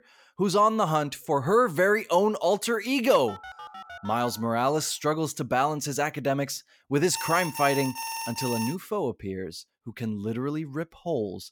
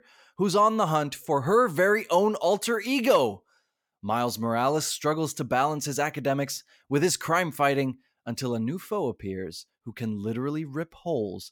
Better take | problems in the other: second | phone ringing; faint; from 3.5 to 4.5 s; peak 15 dB below the speech // alarm; noticeable; from 7 to 9 s; peak 6 dB below the speech

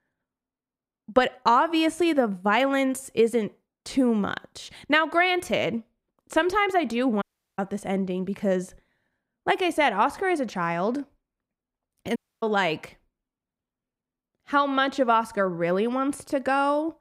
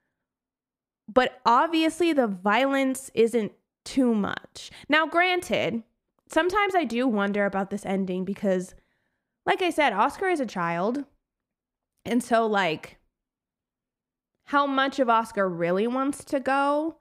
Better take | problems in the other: second | audio cutting out; at 7 s and at 12 s

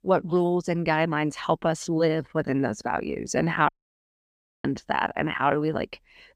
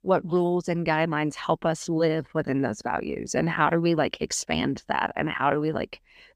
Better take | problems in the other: second | audio cutting out; at 3.5 s for 1 s

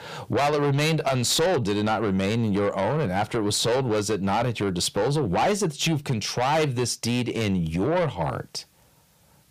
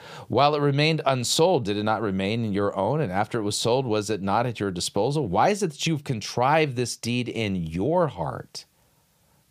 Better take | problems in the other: second | distortion; heavy; 7 dB below the speech

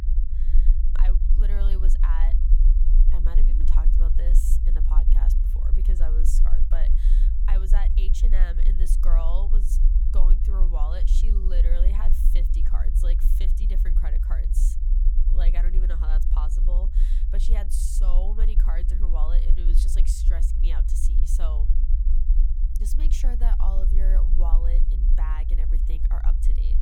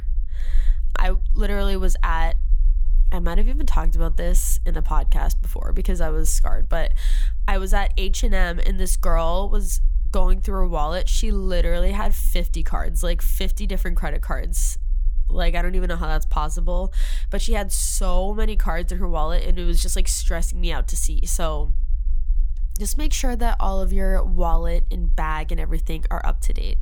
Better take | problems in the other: second | low rumble; loud; throughout; 5 dB below the speech; faint in the second

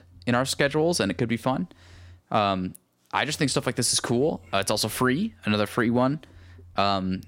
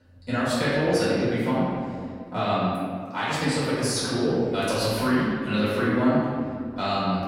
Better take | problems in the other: first | off-mic speech; far // room echo; strong; dies away in 1.9 s

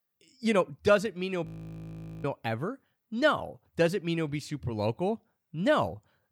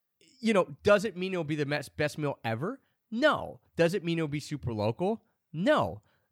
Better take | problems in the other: second | audio freezing; at 1.5 s for 1 s

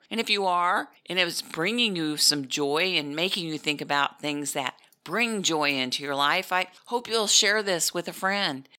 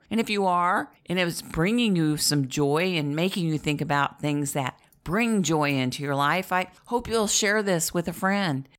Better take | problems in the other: second | thin; very slightly; fading below 300 Hz

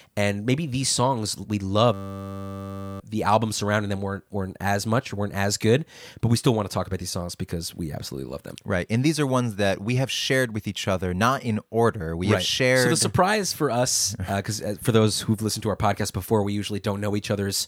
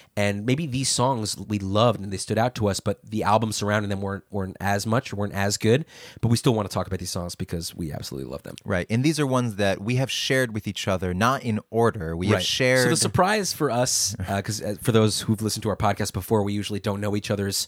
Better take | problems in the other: second | audio freezing; at 2 s for 1 s

